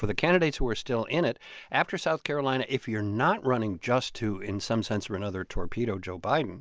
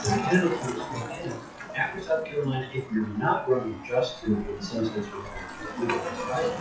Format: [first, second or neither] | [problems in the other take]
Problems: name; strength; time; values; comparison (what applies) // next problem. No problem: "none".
first | noise reduction (classical method WPE with log-MMSE)